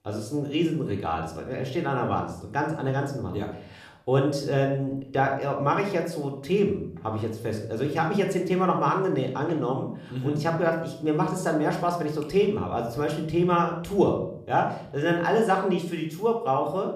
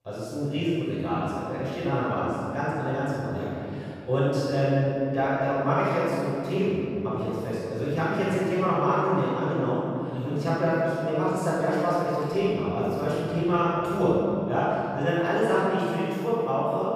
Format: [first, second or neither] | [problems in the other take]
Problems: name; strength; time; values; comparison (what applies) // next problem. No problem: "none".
first | room echo; strong; dies away in 2.7 s; slight in the first // off-mic speech; far